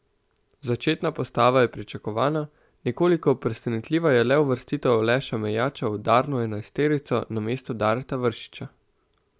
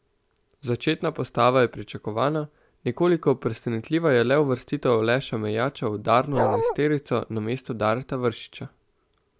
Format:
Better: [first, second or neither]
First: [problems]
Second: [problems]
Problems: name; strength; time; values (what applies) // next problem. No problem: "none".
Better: first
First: none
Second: background sound (Bark); 2 dB above the speech